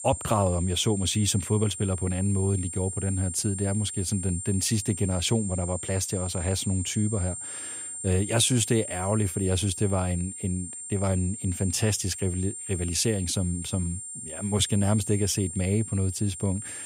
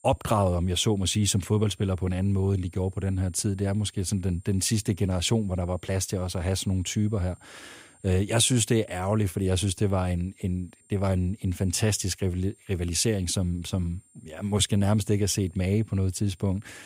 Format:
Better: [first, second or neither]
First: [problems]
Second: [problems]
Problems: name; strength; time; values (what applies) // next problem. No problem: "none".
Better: second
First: high-pitched whine; loud; throughout; 9 kHz, 7 dB below the speech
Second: high-pitched whine; faint; throughout; 9 kHz, 30 dB below the speech